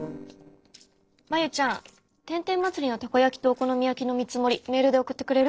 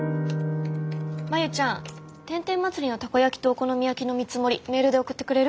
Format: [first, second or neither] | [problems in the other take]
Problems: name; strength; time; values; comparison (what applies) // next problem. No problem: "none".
second | noise reduction (neural separator model SepFormer DNS4)